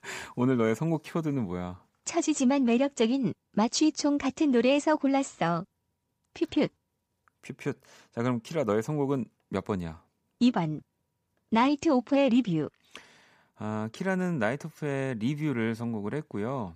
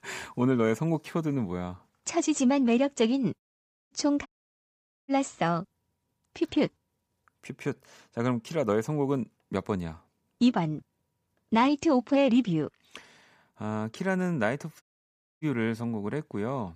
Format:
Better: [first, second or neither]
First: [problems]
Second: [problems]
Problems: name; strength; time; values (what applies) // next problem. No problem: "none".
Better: first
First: none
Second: audio cutting out; at 3.5 s for 0.5 s, at 4.5 s for 1 s and at 15 s for 0.5 s